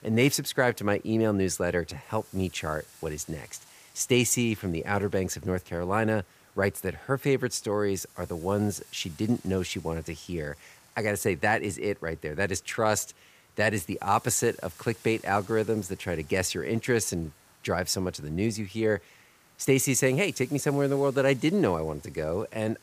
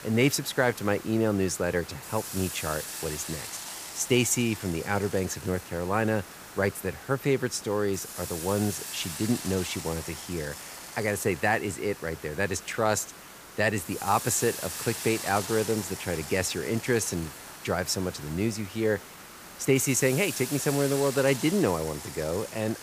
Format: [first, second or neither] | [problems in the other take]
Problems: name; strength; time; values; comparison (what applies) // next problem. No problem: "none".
first | hiss; loud; throughout; 10 dB below the speech; faint in the first